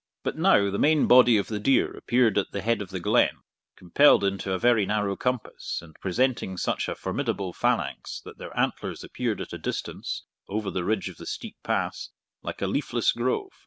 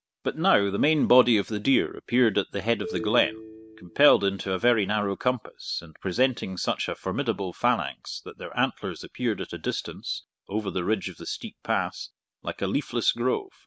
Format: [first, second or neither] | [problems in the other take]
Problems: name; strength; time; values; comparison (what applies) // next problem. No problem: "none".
first | background sound (Telephone); 12 dB below the speech